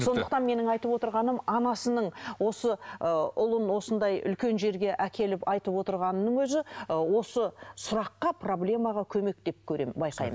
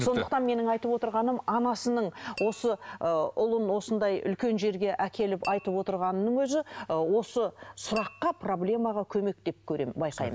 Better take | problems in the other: first | background sound (Tap / Glass); 19 dB below the speech

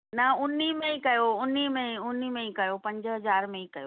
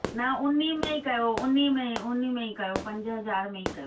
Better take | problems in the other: first | background sound (Fireworks); 11 dB below the speech // room echo; dies away in 0.1 s

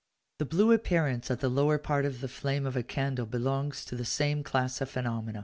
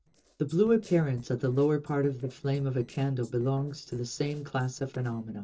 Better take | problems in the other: first | noise reduction (neural separator model SepFormer DNS4)

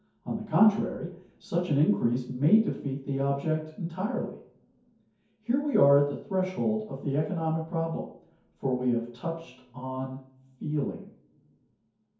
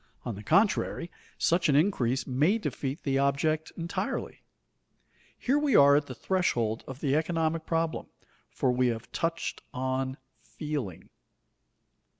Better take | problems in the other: second | room echo; dies away in 0.6 s

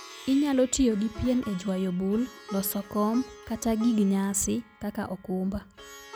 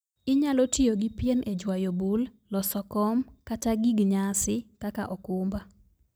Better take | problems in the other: second | background sound (Plucked string instrument); 19 dB below the speech

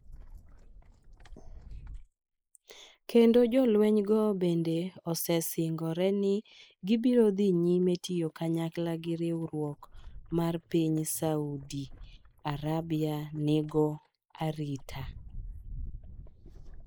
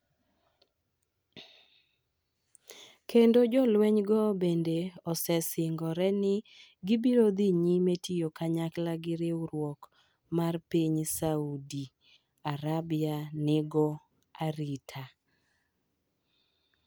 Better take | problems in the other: second | noise reduction (neural mask model Resemble Enhance denoiser)

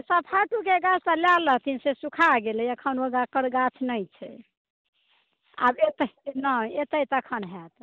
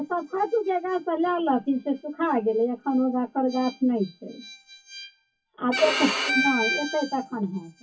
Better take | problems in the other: first | noise reduction (classical method WPE with log-MMSE)

